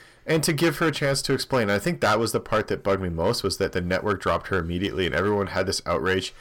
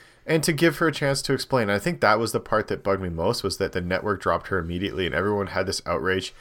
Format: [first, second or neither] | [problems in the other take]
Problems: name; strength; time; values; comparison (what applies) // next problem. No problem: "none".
second | distortion; slight; 5% of the sound clipped